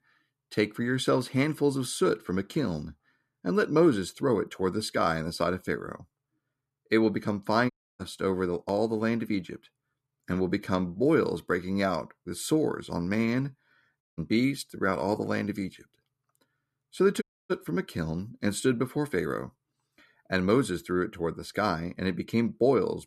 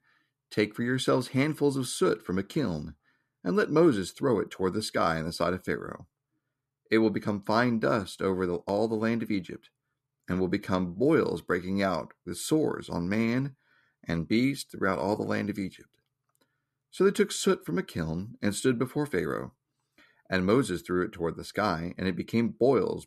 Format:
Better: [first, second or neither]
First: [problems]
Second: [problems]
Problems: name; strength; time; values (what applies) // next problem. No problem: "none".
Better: second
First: audio cutting out; at 7.5 s, at 14 s and at 17 s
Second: none